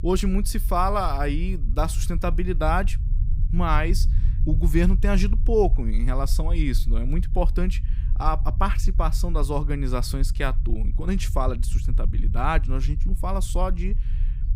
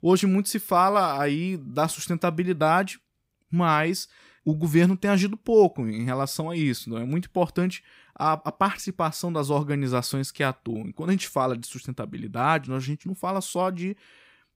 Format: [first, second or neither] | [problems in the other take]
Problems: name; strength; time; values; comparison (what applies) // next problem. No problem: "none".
second | low rumble; noticeable; throughout; 20 dB below the speech